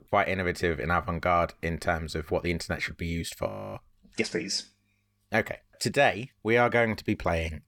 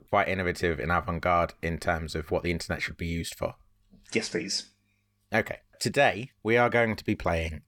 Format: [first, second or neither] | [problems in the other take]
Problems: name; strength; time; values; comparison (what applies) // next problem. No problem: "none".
second | audio freezing; at 3.5 s